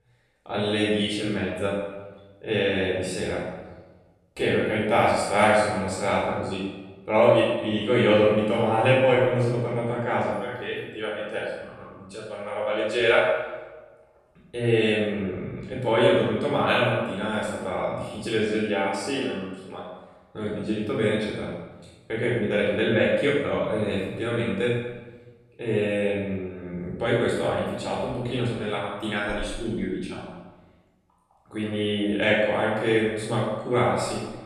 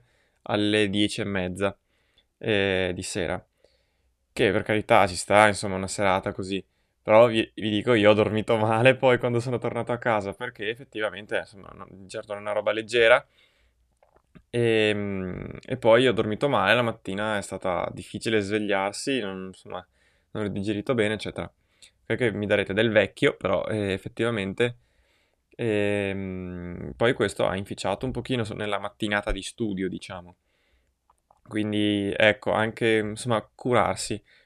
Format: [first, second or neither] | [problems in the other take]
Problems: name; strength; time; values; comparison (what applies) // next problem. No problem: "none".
second | off-mic speech; far // room echo; strong; dies away in 1 s